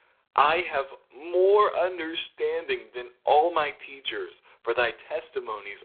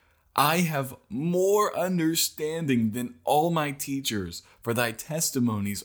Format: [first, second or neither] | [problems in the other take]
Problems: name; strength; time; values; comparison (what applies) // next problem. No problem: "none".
second | phone-call audio; poor line